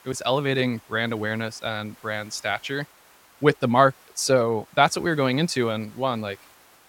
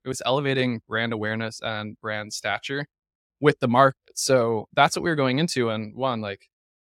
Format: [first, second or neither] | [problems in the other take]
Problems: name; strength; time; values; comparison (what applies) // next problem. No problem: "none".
second | hiss; faint; throughout; 25 dB below the speech